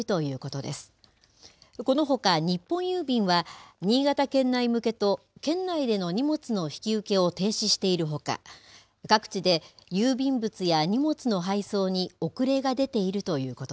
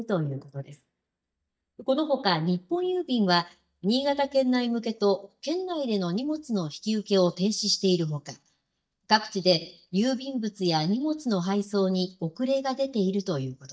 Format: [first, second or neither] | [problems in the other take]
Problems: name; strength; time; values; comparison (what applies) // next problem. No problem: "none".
first | noise reduction (neural mask model DeepFilterNet 3)